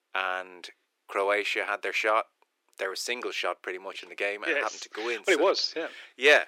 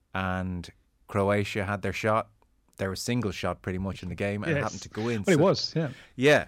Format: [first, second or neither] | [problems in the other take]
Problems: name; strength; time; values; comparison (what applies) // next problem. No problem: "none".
second | thin; very; fading below 350 Hz